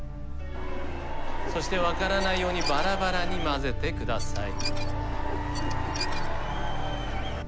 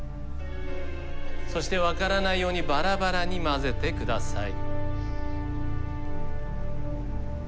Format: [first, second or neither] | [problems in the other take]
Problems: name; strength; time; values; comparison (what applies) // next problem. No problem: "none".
second | background sound (Dishes, pots, and pans / Glass + Crowd / Cheering); 8 dB below the speech